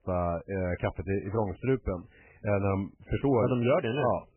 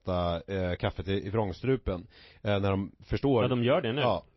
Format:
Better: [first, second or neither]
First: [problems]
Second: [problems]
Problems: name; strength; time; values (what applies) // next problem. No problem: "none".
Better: second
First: garbled, watery; badly; nothing above 3 kHz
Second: garbled, watery; slightly; nothing above 5.5 kHz